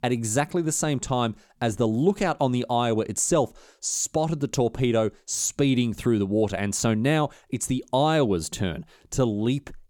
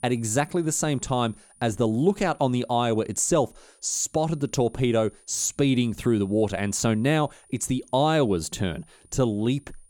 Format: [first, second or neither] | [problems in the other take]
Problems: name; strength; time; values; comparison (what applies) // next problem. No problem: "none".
first | high-pitched whine; faint; throughout; 9.5 kHz, 30 dB below the speech